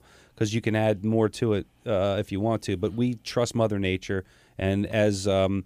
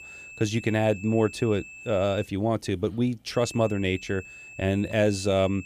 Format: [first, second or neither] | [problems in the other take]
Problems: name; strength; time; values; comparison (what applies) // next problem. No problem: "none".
first | high-pitched whine; noticeable; until 2.5 s and from 3.5 s on; 2.5 kHz, 15 dB below the speech